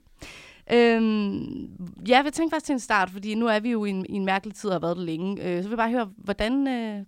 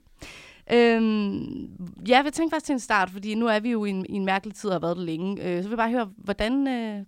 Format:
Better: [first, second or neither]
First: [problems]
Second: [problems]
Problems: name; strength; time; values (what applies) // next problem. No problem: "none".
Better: neither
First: none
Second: none